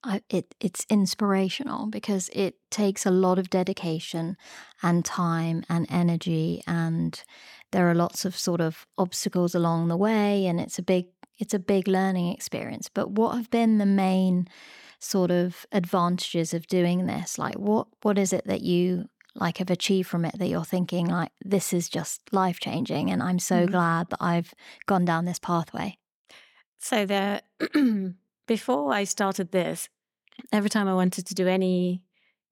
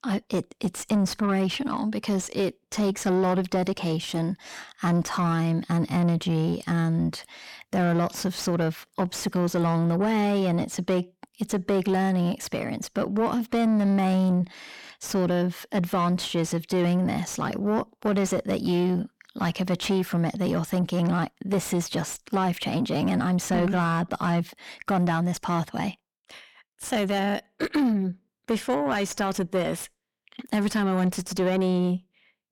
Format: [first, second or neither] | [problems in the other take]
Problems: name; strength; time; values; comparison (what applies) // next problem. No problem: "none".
first | distortion; slight; 10 dB below the speech